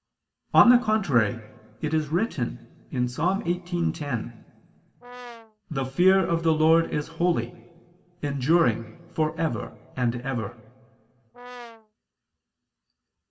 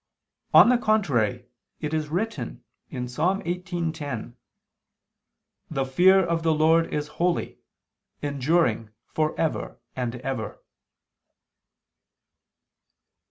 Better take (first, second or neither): second